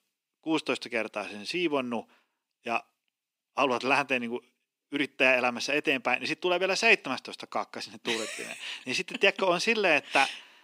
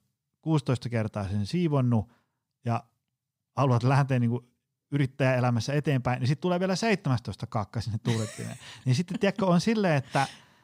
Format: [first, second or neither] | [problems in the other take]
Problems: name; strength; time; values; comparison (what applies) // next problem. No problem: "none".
second | thin; somewhat; fading below 300 Hz